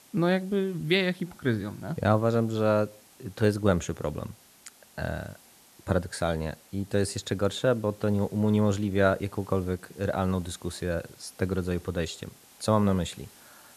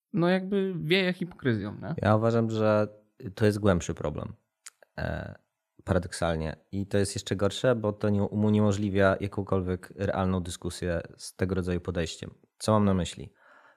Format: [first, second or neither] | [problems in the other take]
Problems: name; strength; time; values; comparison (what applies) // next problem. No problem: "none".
second | hiss; faint; throughout; 25 dB below the speech